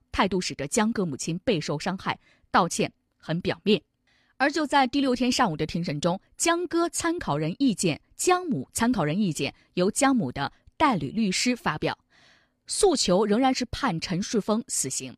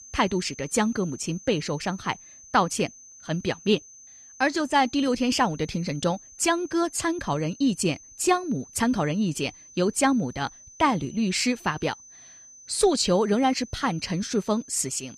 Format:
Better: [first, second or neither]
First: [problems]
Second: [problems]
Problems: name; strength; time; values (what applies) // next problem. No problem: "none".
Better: first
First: none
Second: high-pitched whine; noticeable; throughout; 6 kHz, 20 dB below the speech